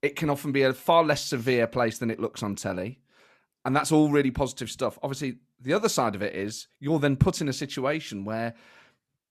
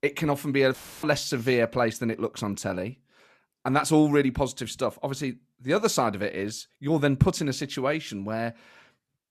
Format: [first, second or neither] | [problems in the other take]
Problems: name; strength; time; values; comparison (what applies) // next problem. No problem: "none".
first | audio cutting out; filled with static; at 0.5 s